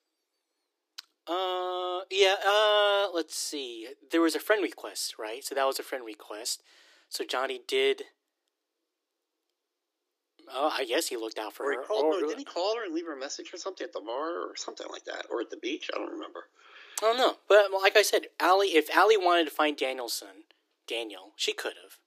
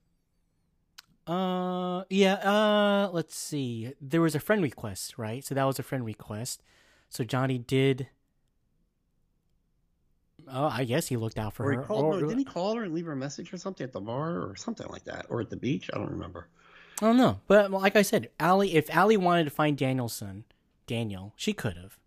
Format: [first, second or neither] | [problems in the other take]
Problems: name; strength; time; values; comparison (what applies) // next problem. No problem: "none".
second | thin; very; fading below 300 Hz